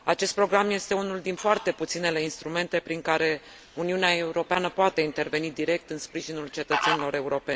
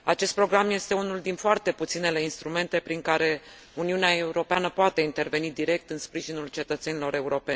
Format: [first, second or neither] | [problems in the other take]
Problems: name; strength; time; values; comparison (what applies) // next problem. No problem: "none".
second | background sound (Fowl); 11 dB below the speech